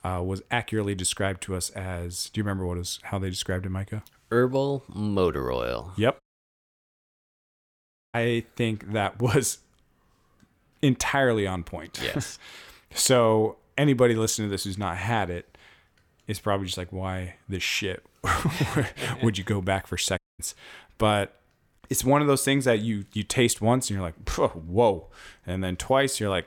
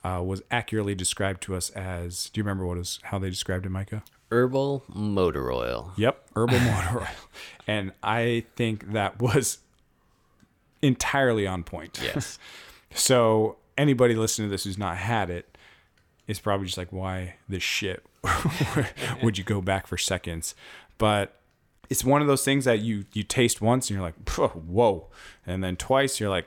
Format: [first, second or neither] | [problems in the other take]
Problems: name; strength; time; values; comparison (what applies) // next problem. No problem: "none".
second | audio cutting out; at 6 s for 2 s and at 20 s